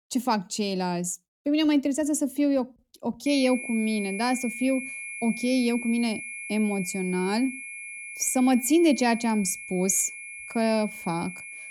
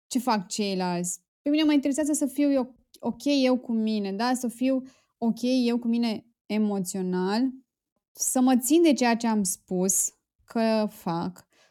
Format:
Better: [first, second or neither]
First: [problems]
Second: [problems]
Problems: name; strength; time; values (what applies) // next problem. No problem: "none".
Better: second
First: high-pitched whine; loud; from 3.5 s on; 2.5 kHz, 10 dB below the speech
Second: none